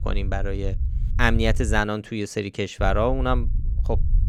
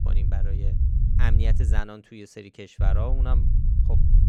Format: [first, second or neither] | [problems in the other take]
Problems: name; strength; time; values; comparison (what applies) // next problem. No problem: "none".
first | low rumble; loud; until 2 s and from 3 s on; 4 dB below the speech; faint in the first